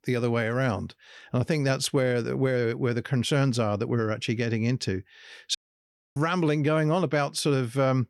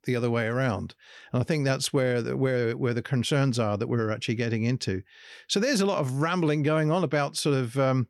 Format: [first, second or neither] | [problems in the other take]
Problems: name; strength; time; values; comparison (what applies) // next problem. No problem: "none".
second | audio cutting out; at 5.5 s for 0.5 s